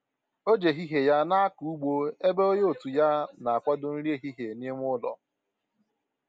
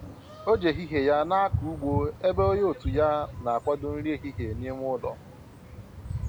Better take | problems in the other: first | background sound (Dog); 8 dB below the speech

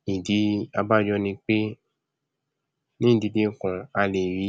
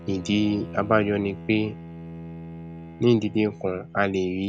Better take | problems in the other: first | background sound (Bowed string instrument); 14 dB below the speech

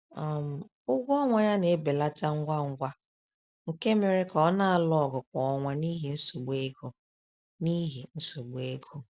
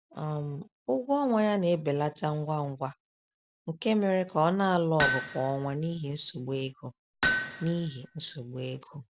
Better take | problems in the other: first | background sound (Hammer); 4 dB below the speech

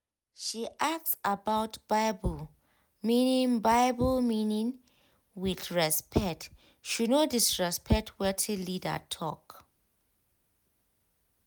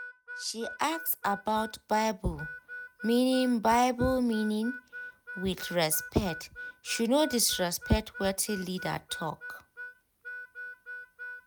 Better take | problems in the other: first | background sound (Harmonica); 13 dB below the speech

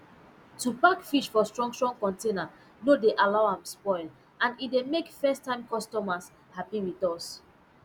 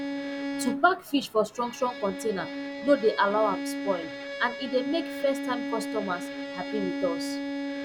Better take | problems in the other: first | background sound (Bowed string instrument); 5 dB below the speech

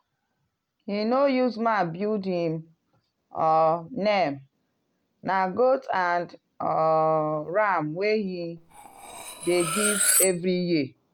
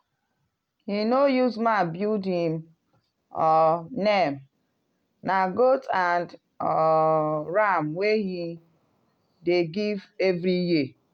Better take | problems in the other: second | background sound (Cutlery, silverware); 2 dB below the speech

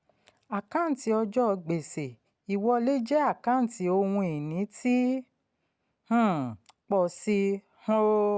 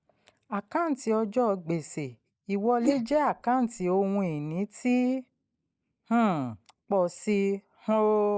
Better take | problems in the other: first | noise reduction (neural mask model Resemble Enhance denoiser)

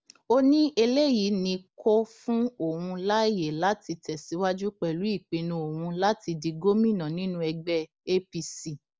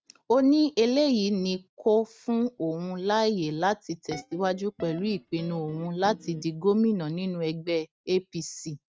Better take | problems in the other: first | noise reduction (neural mask model RNNoise)

